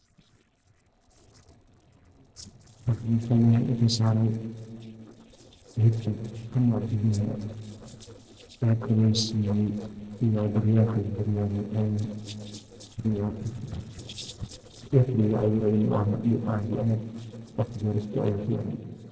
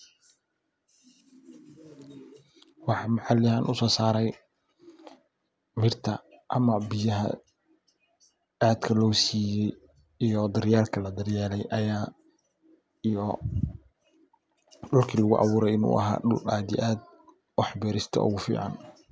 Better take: second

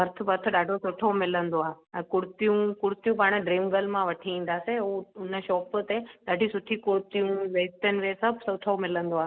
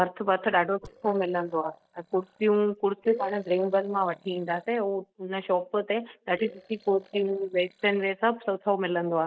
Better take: first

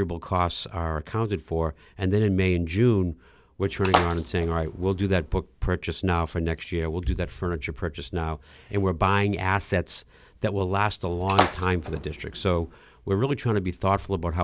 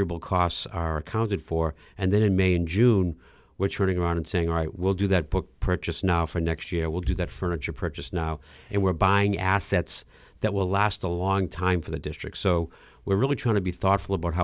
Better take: second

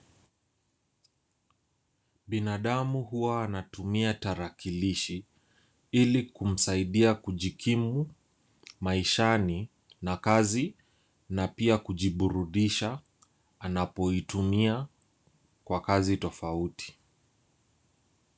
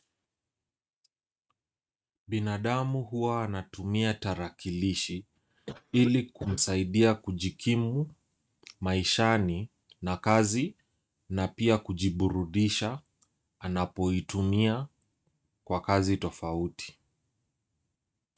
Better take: first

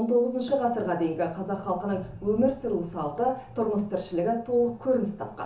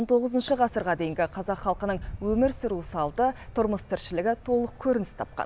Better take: second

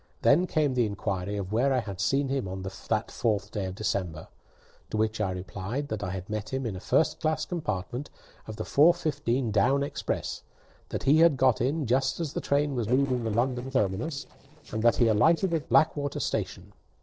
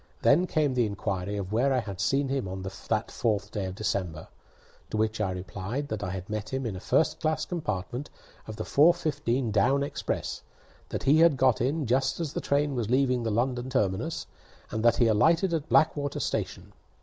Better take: second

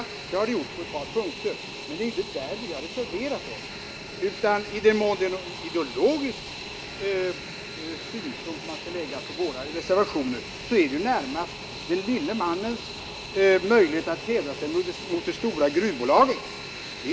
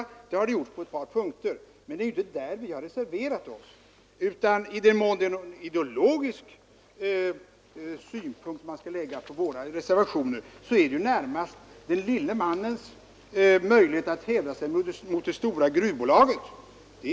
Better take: second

